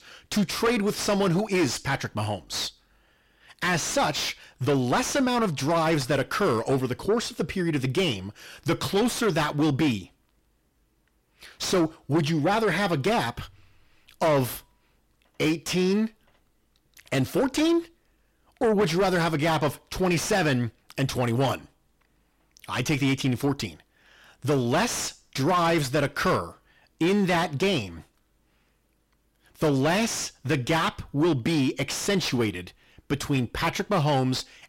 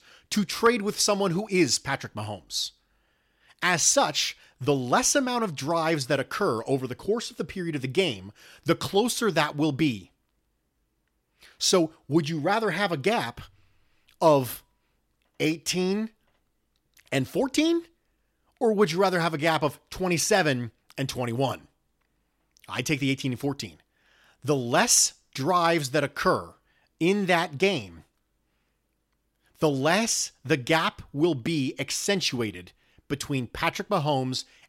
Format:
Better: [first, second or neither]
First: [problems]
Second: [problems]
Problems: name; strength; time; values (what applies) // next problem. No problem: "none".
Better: second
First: distortion; heavy; 6 dB below the speech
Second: none